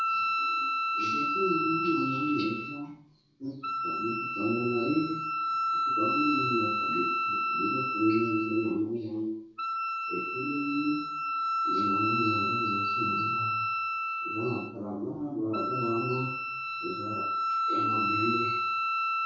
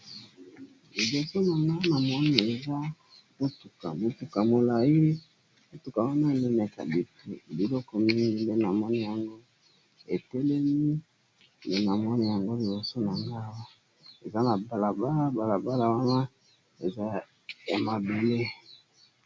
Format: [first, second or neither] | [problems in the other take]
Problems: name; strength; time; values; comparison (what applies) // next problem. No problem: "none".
second | background sound (Wind instrument, woodwind instrument); 2 dB above the speech // room echo; dies away in 0.6 s